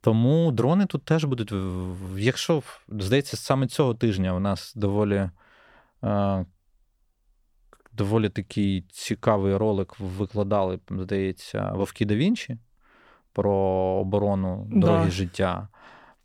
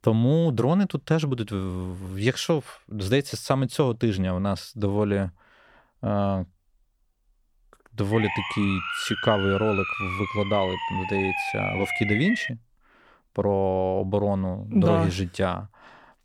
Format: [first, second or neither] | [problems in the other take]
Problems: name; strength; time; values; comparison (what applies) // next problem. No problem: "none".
first | siren; noticeable; from 8 to 12 s; peak 1 dB below the speech